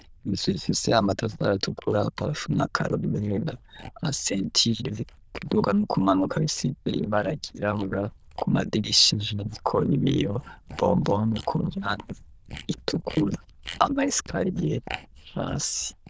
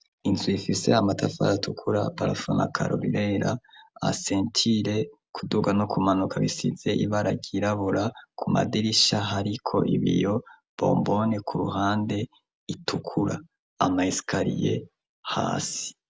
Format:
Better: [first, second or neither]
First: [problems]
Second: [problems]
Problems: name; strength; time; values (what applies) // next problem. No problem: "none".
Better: second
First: noise reduction (neural diffusion model UNIVERSE++)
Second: none